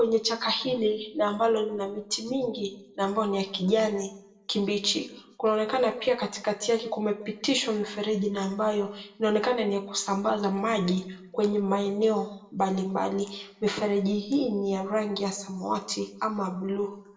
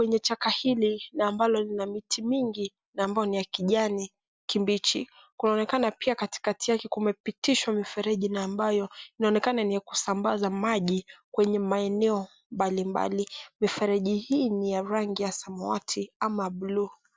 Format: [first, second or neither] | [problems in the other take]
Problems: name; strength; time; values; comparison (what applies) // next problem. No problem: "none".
second | room echo; dies away in 0.6 s